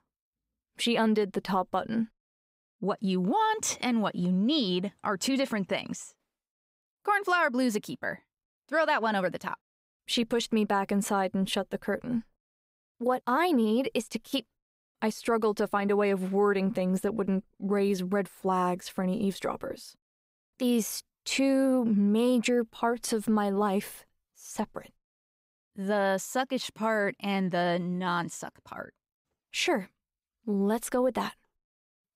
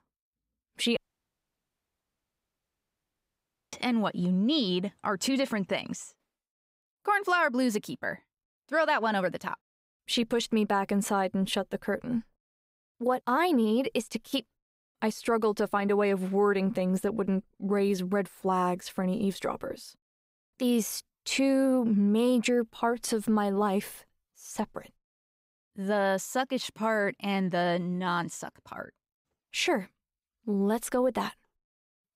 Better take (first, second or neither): first